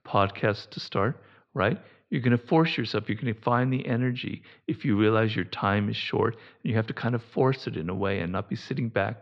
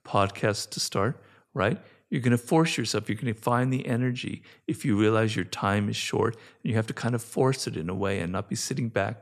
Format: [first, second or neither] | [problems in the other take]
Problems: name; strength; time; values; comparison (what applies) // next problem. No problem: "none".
second | muffled; slightly; fading above 4 kHz